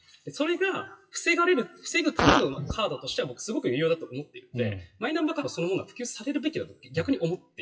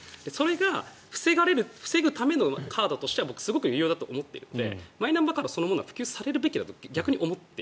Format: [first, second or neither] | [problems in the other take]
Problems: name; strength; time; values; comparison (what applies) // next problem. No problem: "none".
second | noise reduction (classical method WPE with log-MMSE)